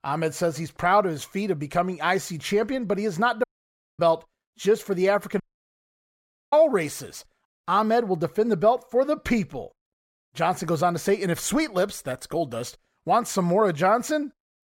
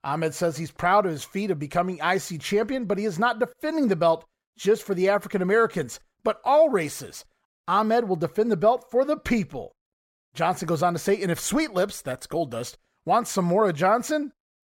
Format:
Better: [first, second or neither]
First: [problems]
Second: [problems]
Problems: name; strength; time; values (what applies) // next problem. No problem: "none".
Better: second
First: audio cutting out; at 3.5 s for 0.5 s and at 5.5 s for 1 s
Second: none